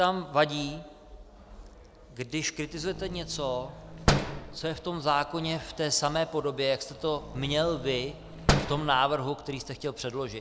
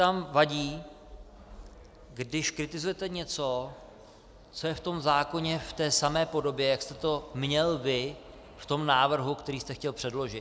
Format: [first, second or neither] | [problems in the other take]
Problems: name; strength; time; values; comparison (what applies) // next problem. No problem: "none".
second | background sound (Slam); 3 dB below the speech